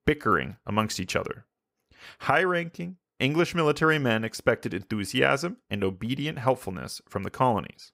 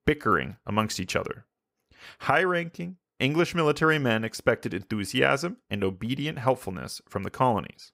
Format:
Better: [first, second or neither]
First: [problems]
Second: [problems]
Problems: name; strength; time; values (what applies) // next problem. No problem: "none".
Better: neither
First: none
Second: none